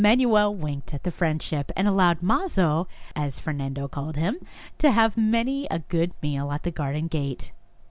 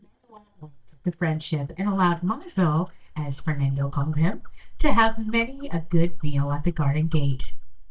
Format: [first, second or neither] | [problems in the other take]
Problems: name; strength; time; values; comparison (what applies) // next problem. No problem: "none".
first | noise reduction (neural mask model DeepFilterNet 3)